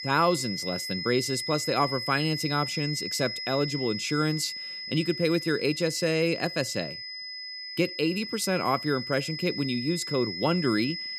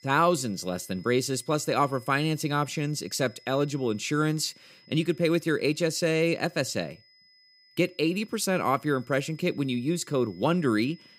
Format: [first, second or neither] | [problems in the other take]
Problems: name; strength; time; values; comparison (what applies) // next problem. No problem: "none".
second | high-pitched whine; loud; throughout; 5 kHz, 6 dB below the speech; faint in the second